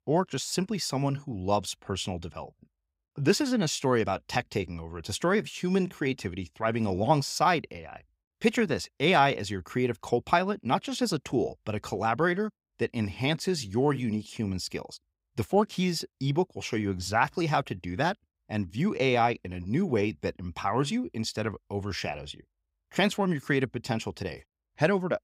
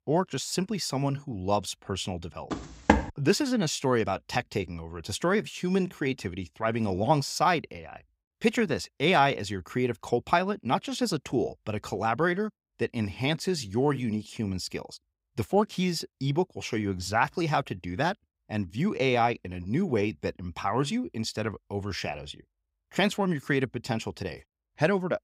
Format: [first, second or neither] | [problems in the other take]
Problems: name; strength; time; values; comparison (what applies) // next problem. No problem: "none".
first | footsteps; loud; at 2.5 s; peak 4 dB above the speech